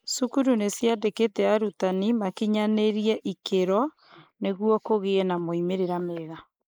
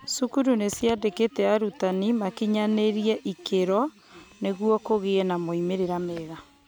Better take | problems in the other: second | noise reduction (neural mask model Resemble Enhance denoiser)

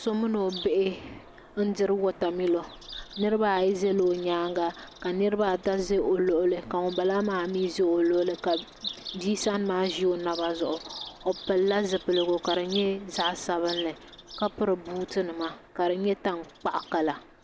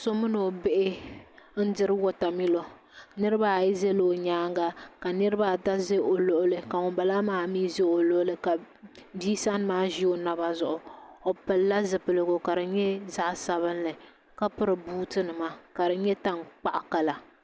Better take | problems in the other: second | background sound (Bird vocalization, bird call, bird song); 16 dB below the speech

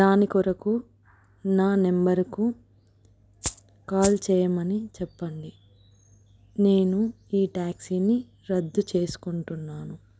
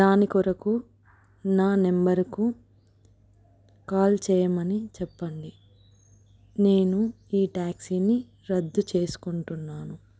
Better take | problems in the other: second | background sound (Rattle (instrument)); 9 dB below the speech

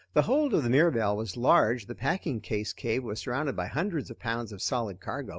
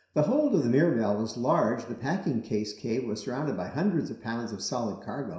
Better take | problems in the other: first | room echo; dies away in 0.7 s

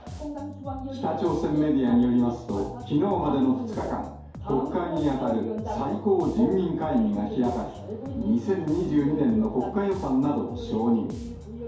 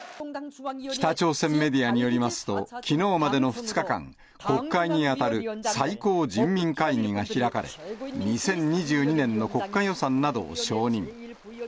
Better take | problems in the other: second | background sound (Bass guitar); 15 dB below the speech // room echo; dies away in 2.4 s

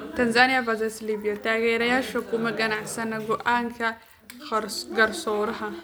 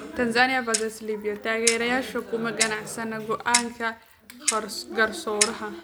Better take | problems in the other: first | background sound (Clock); 5 dB below the speech

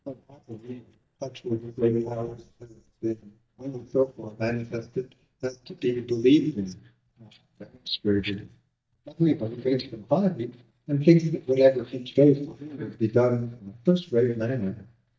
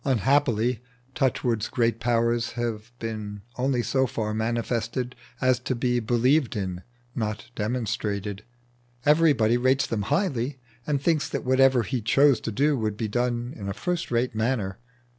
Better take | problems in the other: second | noise reduction (neural mask model DeepFilterNet 3)

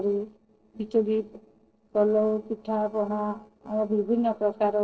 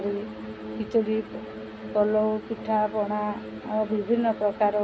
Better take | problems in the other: second | noise reduction (neural separator model SepFormer DNS4)

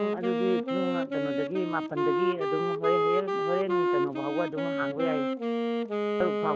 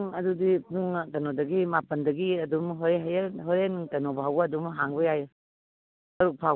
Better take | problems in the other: second | background sound (Wind instrument, woodwind instrument); 4 dB above the speech

